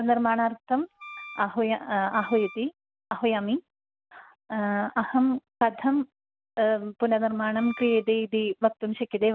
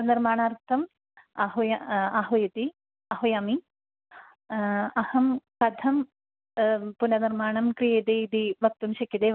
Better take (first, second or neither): second